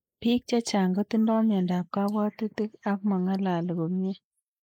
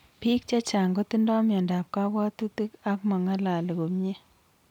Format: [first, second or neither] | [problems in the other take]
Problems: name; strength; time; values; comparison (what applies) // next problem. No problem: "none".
second | noise reduction (neural mask model Resemble Enhance denoiser)